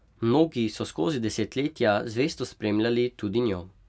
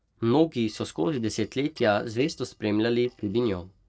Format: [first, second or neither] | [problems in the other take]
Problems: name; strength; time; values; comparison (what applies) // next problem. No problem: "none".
first | noise reduction (neural separator model SepFormer DNS4)